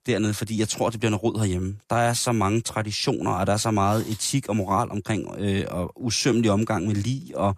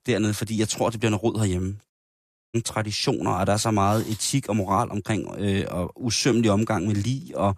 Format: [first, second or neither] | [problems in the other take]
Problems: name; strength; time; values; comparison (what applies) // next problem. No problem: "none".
first | audio cutting out; at 2 s for 0.5 s